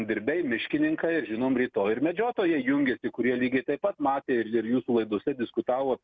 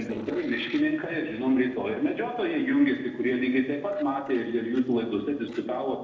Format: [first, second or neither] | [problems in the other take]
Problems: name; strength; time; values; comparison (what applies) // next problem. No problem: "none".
first | noise reduction (neural separator model SepFormer DNS4)